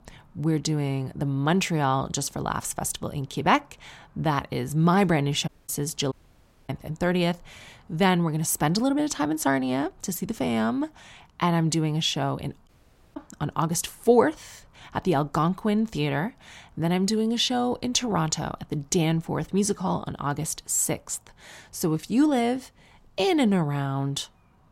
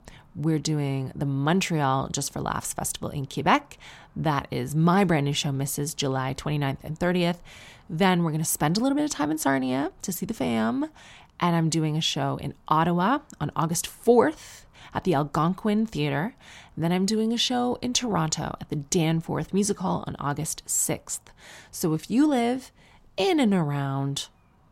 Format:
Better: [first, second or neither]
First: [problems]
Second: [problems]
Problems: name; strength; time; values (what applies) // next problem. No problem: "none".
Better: second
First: audio cutting out; at 5.5 s, at 6 s for 0.5 s and at 13 s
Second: none